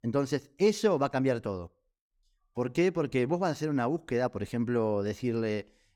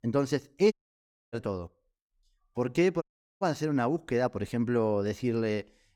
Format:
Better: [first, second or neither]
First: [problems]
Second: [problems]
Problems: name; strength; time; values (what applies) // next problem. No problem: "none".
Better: first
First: none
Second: audio cutting out; at 0.5 s for 0.5 s and at 3 s